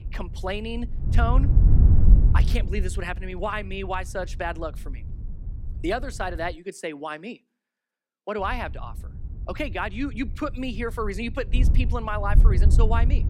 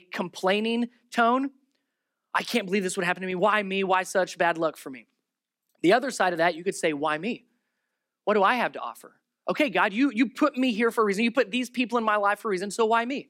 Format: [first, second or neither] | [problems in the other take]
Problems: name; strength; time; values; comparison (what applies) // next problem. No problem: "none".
second | wind noise on the microphone; heavy; until 6.5 s and from 8.5 s on; 9 dB below the speech